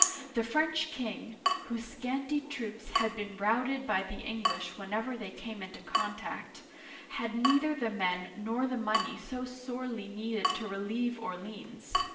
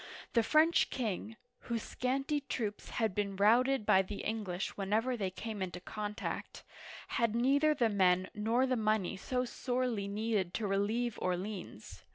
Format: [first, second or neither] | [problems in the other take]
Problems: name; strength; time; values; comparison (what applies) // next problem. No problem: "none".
second | background sound (Drip / Water tap, faucet); 3 dB below the speech // room echo; dies away in 0.8 s